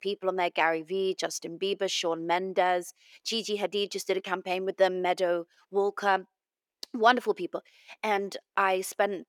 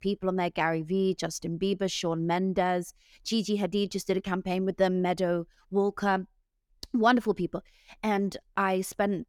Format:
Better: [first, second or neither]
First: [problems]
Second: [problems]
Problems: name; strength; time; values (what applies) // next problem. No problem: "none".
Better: second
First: thin; somewhat; fading below 450 Hz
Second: none